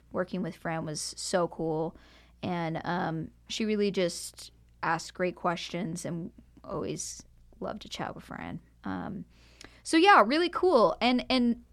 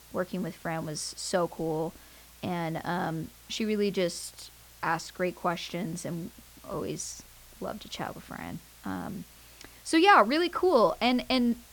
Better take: first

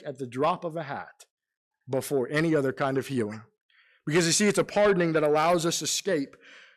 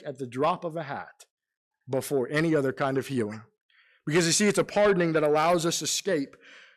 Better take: neither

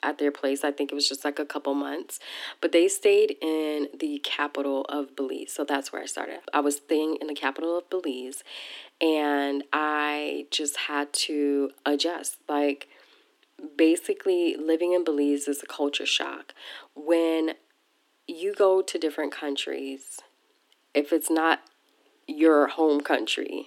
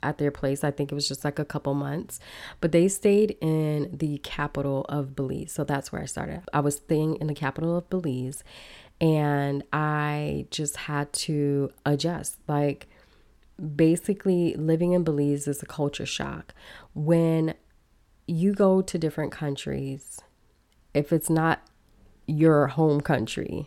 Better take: second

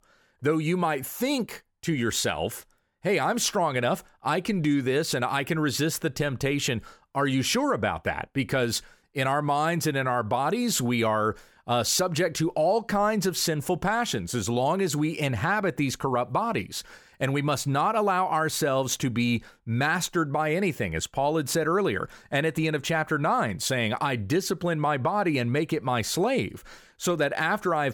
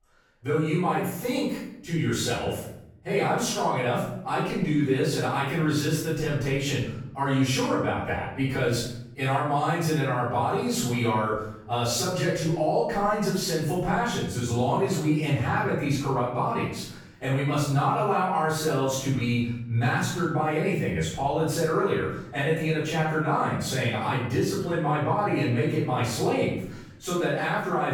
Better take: first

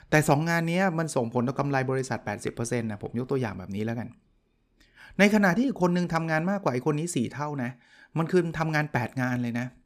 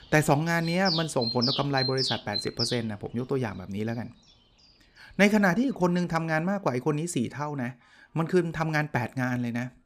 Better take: first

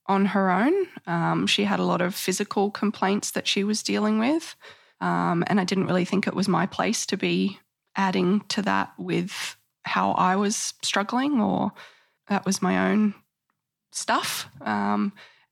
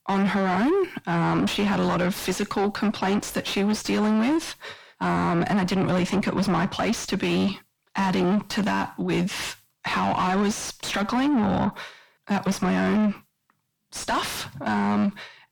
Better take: first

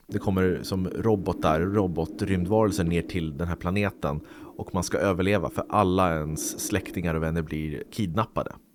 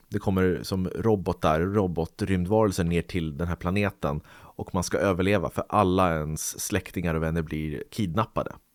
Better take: second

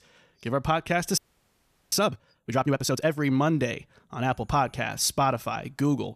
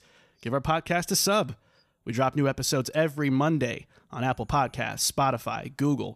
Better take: second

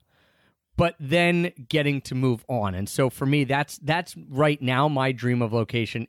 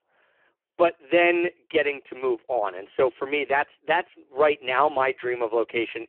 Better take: first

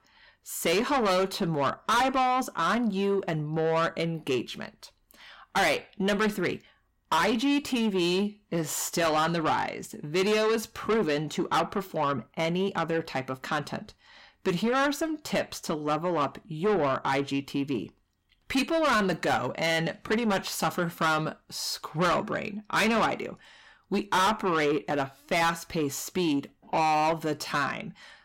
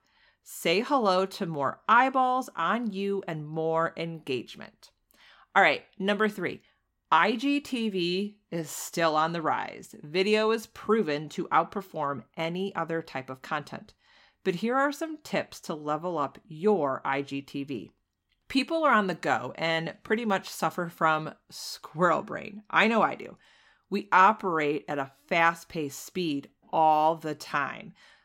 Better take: second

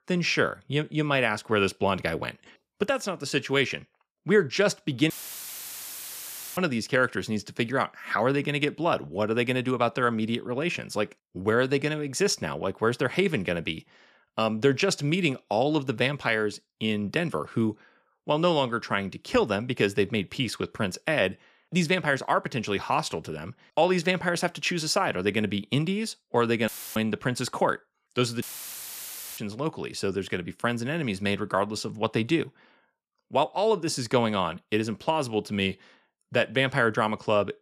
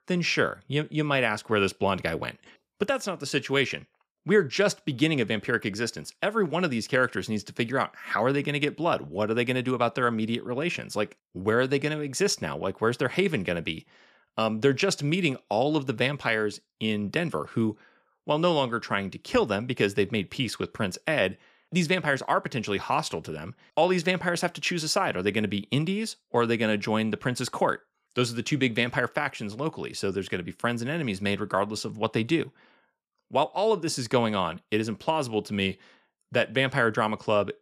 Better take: second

